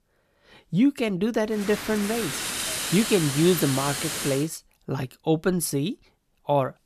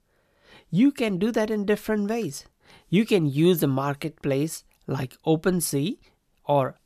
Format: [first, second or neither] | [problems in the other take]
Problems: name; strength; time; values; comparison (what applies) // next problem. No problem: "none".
second | hiss; loud; from 1.5 to 4.5 s; 4 dB below the speech